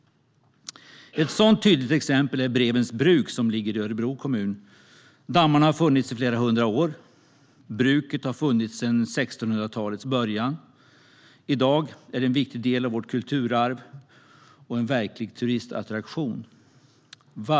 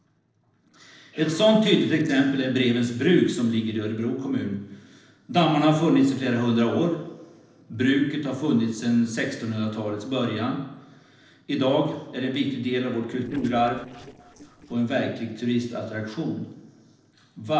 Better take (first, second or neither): first